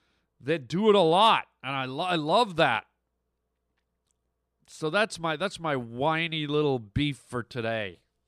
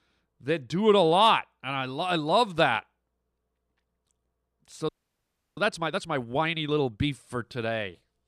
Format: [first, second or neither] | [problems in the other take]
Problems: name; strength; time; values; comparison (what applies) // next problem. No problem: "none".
first | audio freezing; at 5 s for 0.5 s